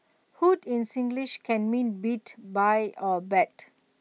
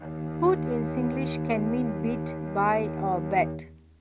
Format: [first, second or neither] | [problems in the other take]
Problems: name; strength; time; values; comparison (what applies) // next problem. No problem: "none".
first | background sound (Bowed string instrument); 3 dB below the speech